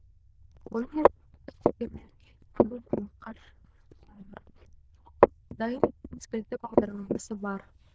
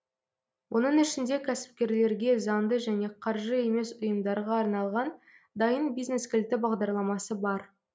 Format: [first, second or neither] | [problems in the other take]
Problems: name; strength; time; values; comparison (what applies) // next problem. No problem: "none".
second | noise reduction (neural diffusion model UNIVERSE++)